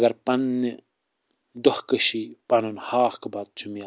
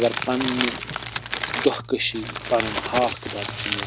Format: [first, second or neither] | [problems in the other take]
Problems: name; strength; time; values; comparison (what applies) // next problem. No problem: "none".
first | background sound (Crumpling, crinkling); 3 dB below the speech